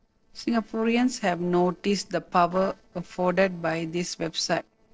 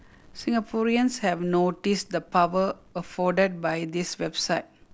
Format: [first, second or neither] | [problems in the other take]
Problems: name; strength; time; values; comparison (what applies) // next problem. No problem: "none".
second | noise reduction (neural separator model SepFormer DNS4)